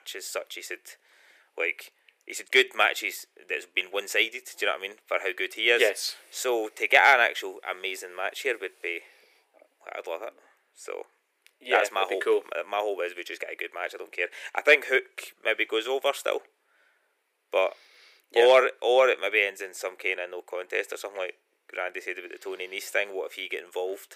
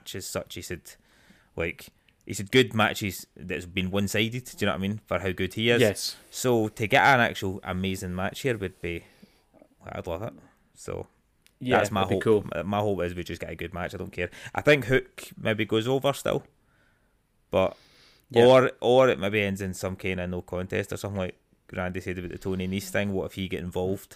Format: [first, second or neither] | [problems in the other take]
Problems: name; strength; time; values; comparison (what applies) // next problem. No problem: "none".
second | thin; very; fading below 350 Hz